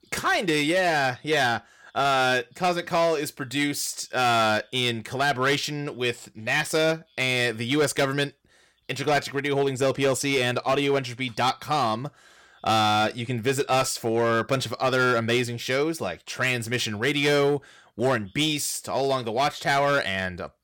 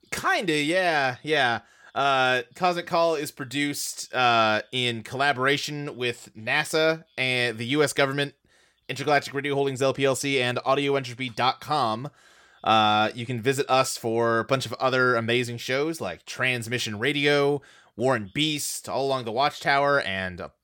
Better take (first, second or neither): second